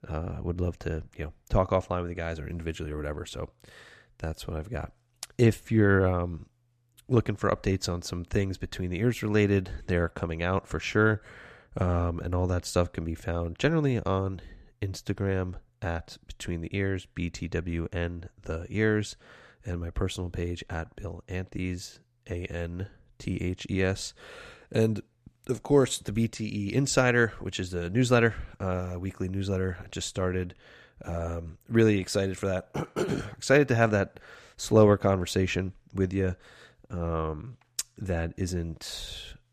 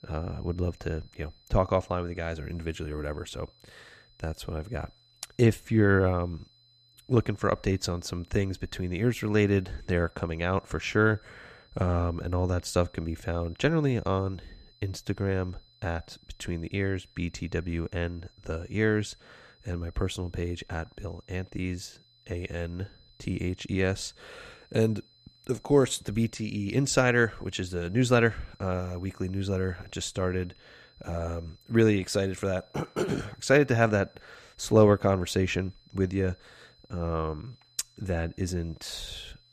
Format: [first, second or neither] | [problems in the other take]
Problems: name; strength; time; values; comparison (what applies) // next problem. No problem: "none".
first | high-pitched whine; faint; throughout; 4 kHz, 30 dB below the speech